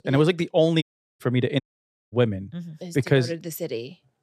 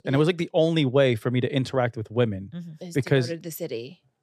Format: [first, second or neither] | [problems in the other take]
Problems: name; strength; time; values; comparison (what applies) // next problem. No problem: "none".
second | audio cutting out; at 1 s and at 1.5 s for 0.5 s